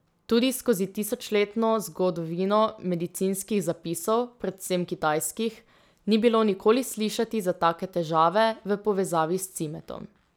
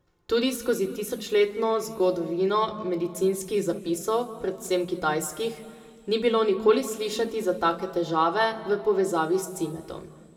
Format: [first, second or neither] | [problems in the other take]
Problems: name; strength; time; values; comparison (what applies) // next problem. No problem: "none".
first | room echo; dies away in 1.7 s